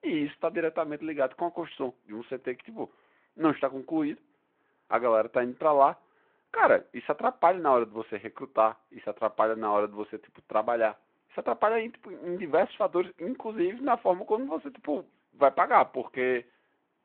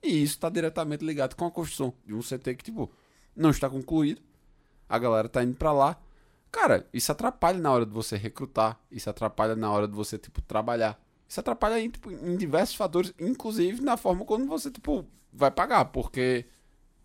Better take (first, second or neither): second